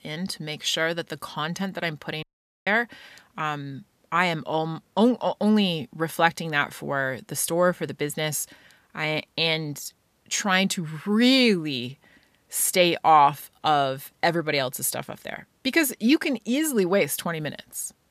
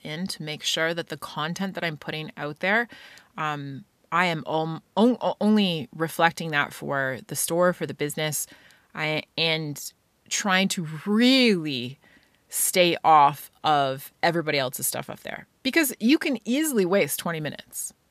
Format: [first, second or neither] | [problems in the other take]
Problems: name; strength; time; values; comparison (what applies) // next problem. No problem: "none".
second | audio cutting out; at 2 s